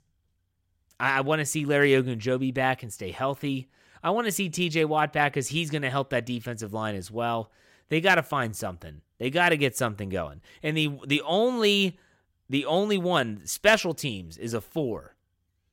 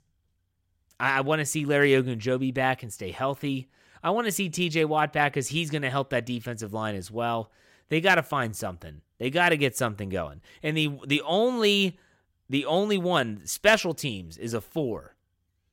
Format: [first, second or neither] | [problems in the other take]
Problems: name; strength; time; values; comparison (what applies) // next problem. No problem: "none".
neither | none